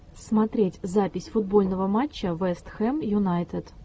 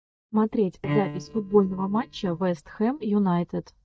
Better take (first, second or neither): first